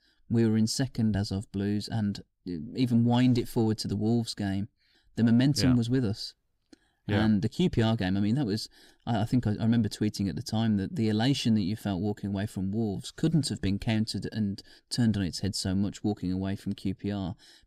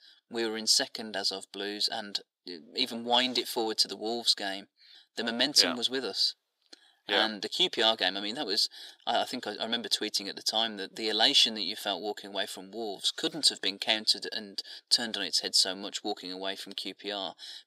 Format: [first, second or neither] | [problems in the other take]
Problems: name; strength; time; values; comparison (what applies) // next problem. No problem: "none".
first | thin; very; fading below 500 Hz